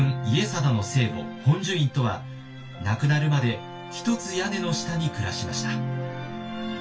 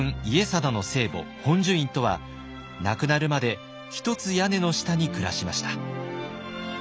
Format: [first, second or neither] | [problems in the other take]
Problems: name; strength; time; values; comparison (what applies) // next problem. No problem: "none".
second | background sound (Brass instrument); 15 dB below the speech // room echo; dies away in 0.2 s